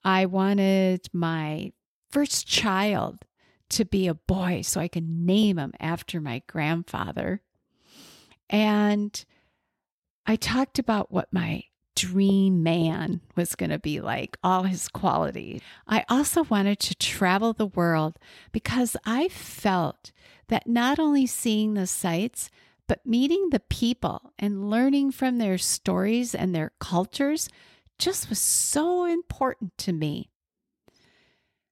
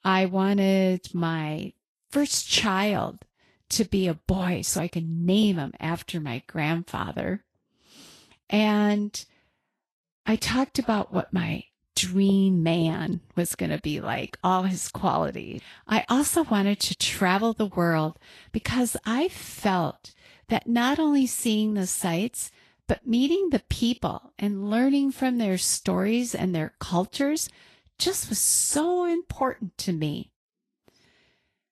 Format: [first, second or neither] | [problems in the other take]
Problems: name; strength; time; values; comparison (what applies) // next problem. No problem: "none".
first | garbled, watery; slightly; nothing above 12.5 kHz